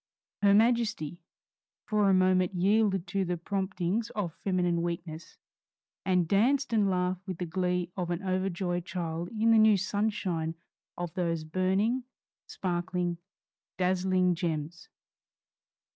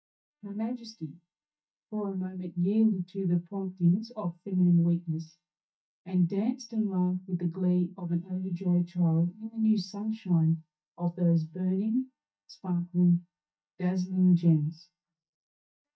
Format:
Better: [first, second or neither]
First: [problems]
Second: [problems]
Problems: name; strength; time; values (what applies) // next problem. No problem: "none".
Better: first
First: none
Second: noise reduction (neural mask model DeepFilterNet 3)